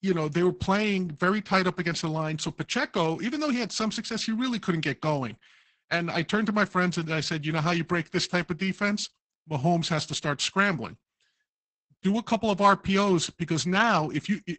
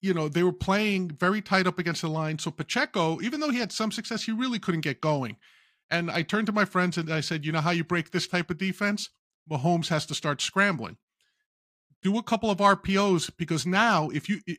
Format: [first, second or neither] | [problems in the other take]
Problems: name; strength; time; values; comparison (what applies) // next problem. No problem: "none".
second | garbled, watery; badly; nothing above 8 kHz